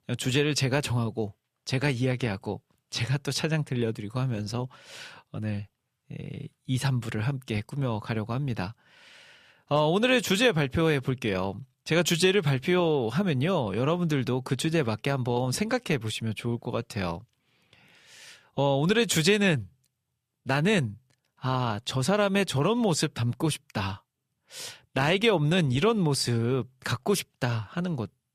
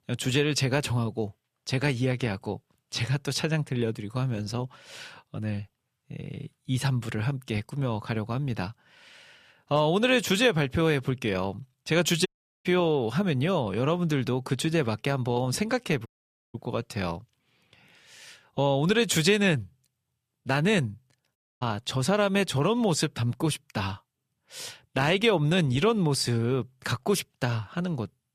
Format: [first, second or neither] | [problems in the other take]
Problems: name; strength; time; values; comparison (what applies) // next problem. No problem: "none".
first | audio cutting out; at 12 s, at 16 s and at 21 s